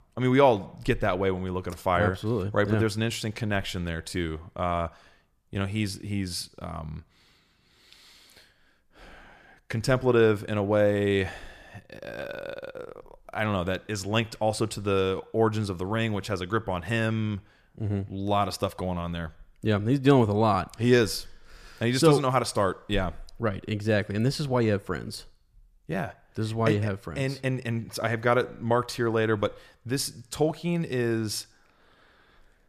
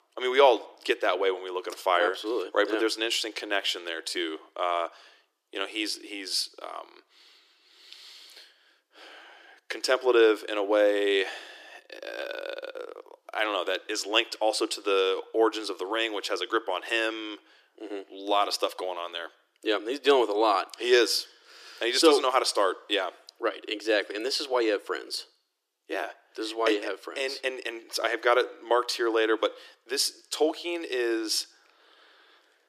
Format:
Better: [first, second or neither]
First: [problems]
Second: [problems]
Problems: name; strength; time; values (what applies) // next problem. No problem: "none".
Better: first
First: none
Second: thin; very; fading below 300 Hz